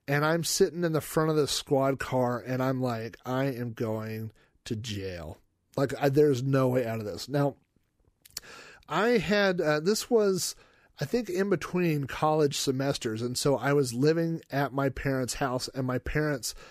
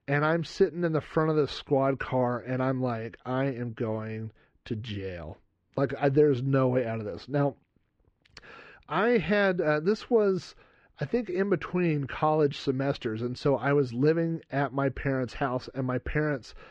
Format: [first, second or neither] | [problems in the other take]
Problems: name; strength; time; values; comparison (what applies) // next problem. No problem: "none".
first | muffled; slightly; fading above 3 kHz